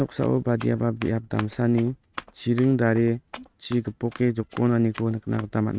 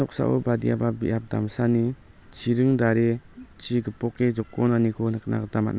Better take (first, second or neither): second